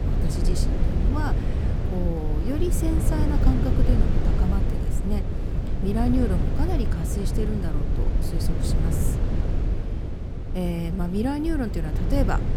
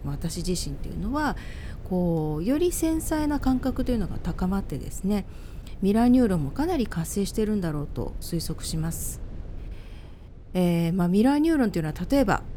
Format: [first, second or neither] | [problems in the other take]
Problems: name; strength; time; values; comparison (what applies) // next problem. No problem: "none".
second | low rumble; loud; throughout; 3 dB below the speech; faint in the second